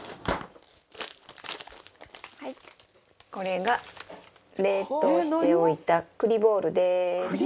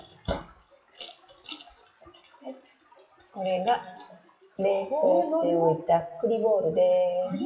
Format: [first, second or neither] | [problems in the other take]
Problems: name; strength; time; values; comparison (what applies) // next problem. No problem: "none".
first | noise reduction (classical method WPE with log-MMSE)